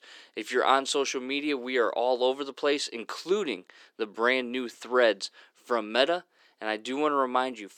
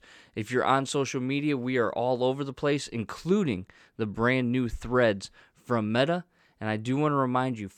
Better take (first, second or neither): second